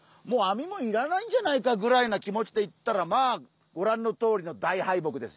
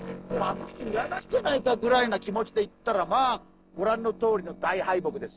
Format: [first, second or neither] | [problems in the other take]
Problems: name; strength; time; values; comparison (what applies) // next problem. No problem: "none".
first | noise reduction (neural separator model SepFormer DNS4)